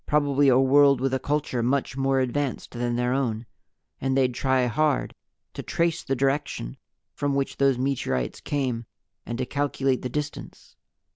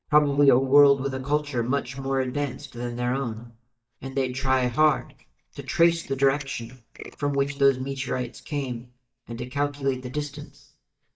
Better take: first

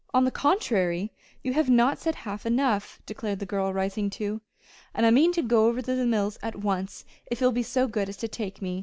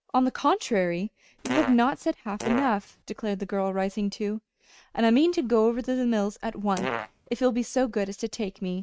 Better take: first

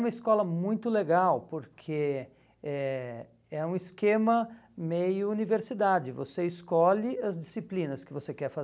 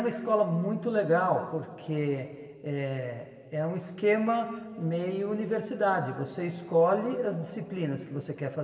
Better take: first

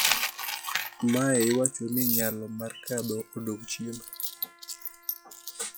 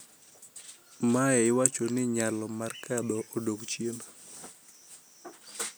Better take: second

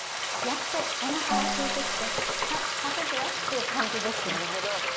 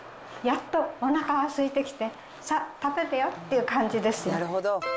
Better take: second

